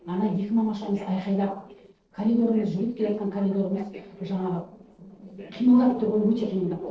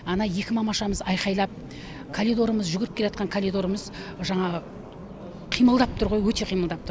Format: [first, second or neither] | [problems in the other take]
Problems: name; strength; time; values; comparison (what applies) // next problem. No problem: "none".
second | noise reduction (neural separator model SepFormer DNS4)